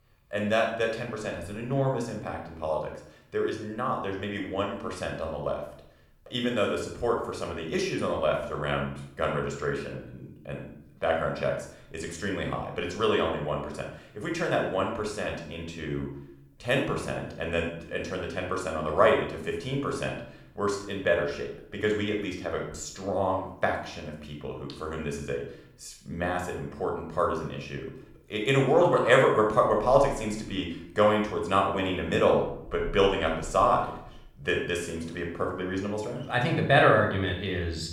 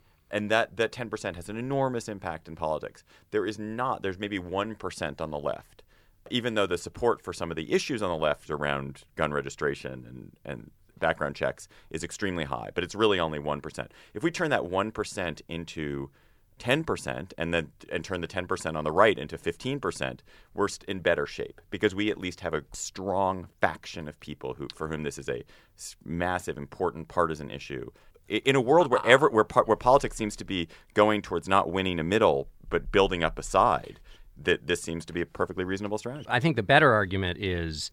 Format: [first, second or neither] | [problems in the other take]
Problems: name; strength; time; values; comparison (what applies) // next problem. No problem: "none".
second | room echo; noticeable; dies away in 0.6 s // off-mic speech; somewhat distant